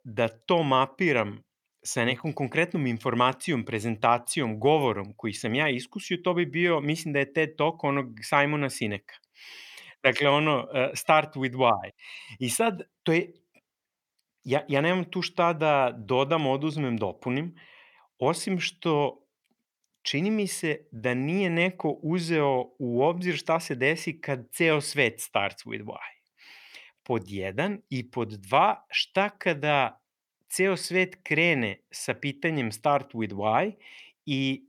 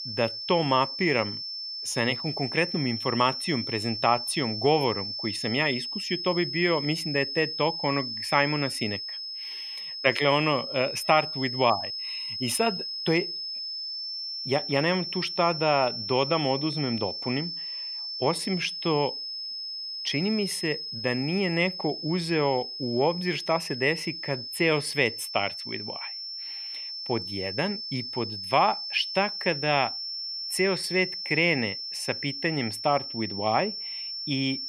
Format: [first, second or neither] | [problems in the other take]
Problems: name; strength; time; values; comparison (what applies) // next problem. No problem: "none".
first | high-pitched whine; loud; throughout; 5.5 kHz, 5 dB below the speech